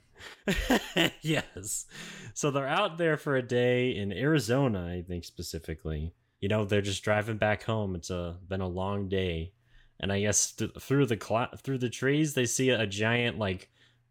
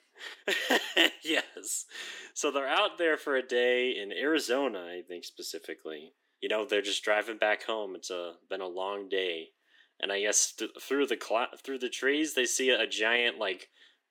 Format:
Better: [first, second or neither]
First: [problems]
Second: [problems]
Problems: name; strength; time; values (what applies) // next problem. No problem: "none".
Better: first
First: none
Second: thin; somewhat; fading below 300 Hz